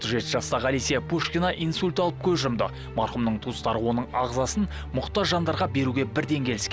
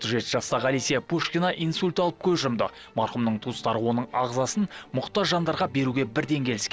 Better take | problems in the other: first | noise reduction (neural separator model SepFormer DNS4)

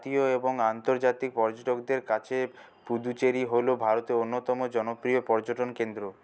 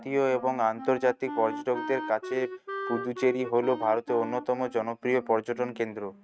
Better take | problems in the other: first | noise reduction (neural mask model RNNoise)

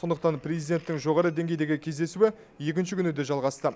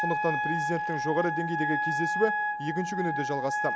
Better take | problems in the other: first | background sound (Wind instrument, woodwind instrument); 1 dB above the speech

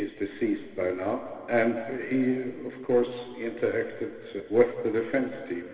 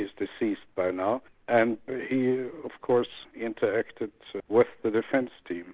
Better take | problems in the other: second | room echo; dies away in 2.4 s

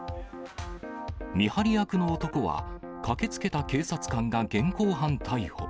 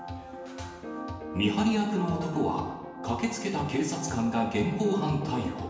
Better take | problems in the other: first | room echo; dies away in 1 s

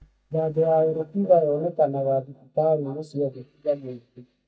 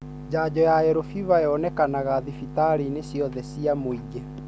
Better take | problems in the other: second | noise reduction (neural mask model DeepFilterNet 3)

